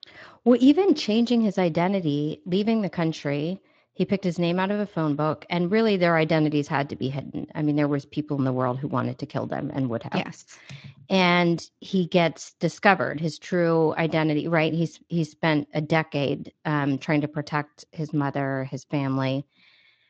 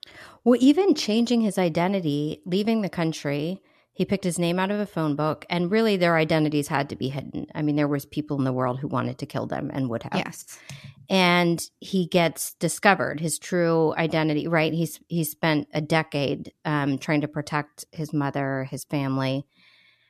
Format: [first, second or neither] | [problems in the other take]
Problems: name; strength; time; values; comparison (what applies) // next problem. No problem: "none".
second | garbled, watery; slightly; nothing above 7.5 kHz